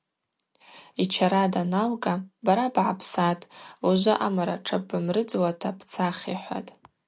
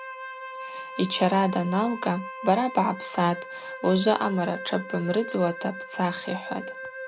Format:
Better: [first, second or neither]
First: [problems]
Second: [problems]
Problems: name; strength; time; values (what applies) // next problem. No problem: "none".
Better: first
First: none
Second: background sound (Wind instrument, woodwind instrument); 11 dB below the speech